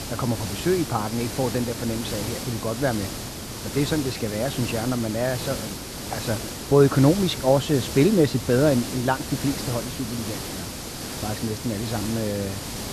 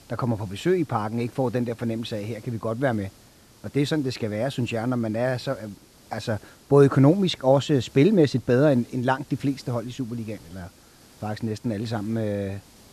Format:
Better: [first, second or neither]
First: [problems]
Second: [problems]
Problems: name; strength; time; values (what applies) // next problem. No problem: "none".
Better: second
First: hiss; loud; throughout; 7 dB below the speech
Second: hiss; faint; throughout; 25 dB below the speech